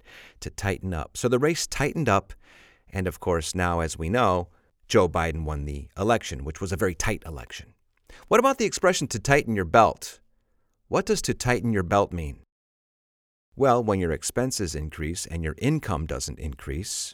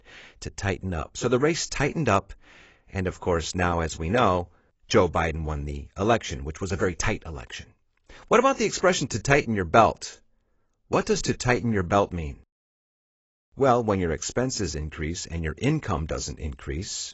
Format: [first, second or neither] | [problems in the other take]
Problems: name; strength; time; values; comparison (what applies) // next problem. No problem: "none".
first | garbled, watery; badly; nothing above 7.5 kHz